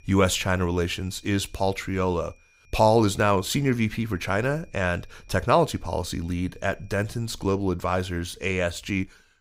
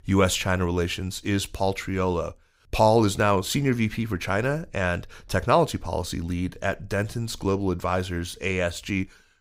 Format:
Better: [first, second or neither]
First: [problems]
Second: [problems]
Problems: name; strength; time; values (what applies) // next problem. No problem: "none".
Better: second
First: high-pitched whine; faint; until 7 s; 2.5 kHz, 35 dB below the speech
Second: none